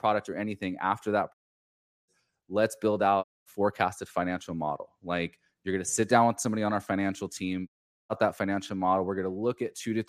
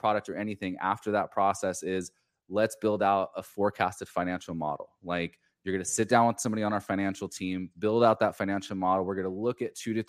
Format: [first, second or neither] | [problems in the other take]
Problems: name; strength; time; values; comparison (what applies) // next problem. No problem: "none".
second | audio cutting out; at 1.5 s for 0.5 s, at 3 s and at 7.5 s